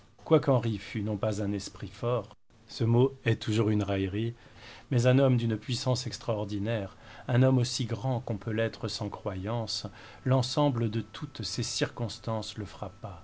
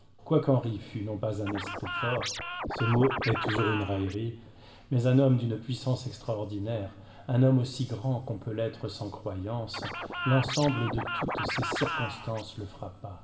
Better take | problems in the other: first | background sound (Scratching (performance technique)); 4 dB below the speech // room echo; dies away in 0.9 s

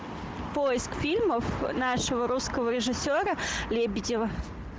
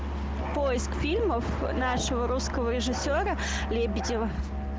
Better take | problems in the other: first | background sound (Musical instrument); 2 dB below the speech

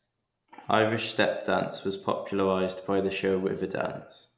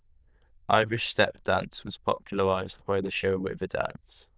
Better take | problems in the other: first | noise reduction (neural diffusion model UNIVERSE++)

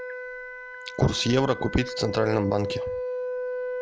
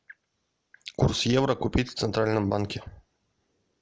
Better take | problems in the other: second | background sound (Wind instrument, woodwind instrument); 5 dB below the speech

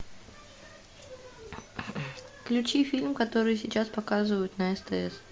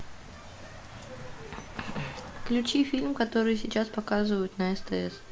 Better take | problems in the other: first | background sound (Car passing by); 11 dB below the speech

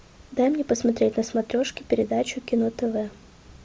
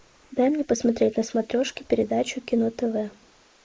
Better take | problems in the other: first | noise reduction (neural mask model Resemble Enhance denoiser)

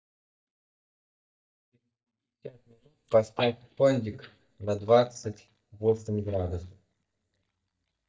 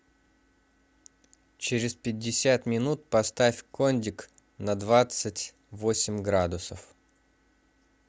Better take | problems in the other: second | noise reduction (neural mask model DeepFilterNet 3)

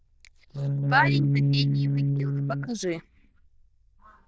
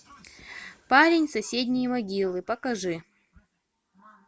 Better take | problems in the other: second | noise reduction (neural diffusion model UNIVERSE++)

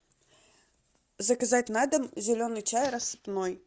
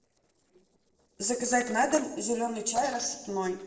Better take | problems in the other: first | noise reduction (neural separator model SepFormer DNS4)

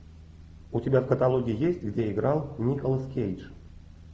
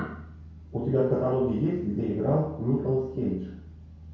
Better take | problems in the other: first | room echo; dies away in 0.6 s

